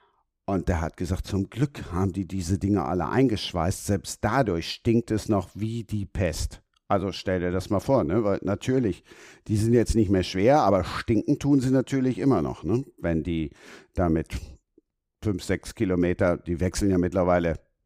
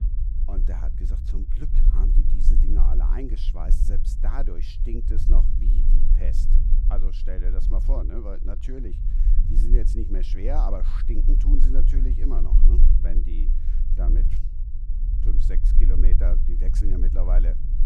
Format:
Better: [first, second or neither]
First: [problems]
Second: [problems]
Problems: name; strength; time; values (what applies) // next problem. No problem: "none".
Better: first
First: none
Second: low rumble; loud; throughout; 6 dB below the speech